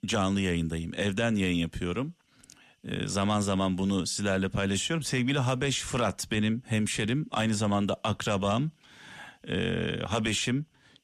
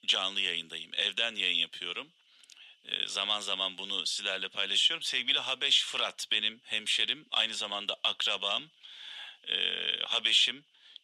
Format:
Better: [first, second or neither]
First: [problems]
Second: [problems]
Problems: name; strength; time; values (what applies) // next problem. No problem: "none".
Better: first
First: none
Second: thin; very; fading below 550 Hz